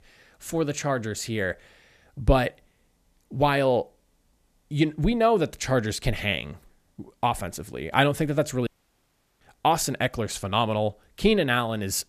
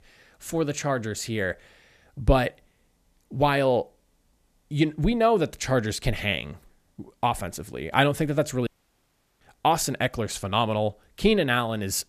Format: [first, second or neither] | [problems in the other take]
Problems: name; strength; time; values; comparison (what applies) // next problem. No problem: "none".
neither | audio cutting out; at 8.5 s for 0.5 s; the same in both